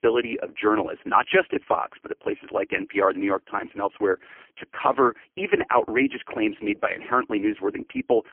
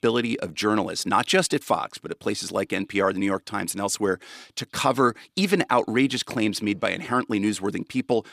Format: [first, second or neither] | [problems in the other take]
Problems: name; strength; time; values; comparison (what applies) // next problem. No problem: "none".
second | phone-call audio; poor line; nothing above 3 kHz